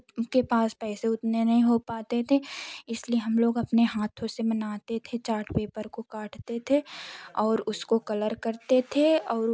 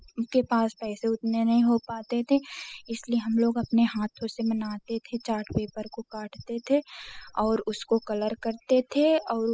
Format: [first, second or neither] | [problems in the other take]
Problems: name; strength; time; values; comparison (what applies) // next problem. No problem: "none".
first | noise reduction (classical method spectral subtraction)